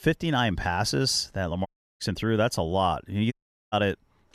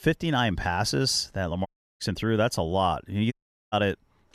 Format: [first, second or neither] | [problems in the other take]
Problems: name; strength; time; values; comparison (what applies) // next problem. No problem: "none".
neither | audio cutting out; at 1.5 s and at 3.5 s; the same in both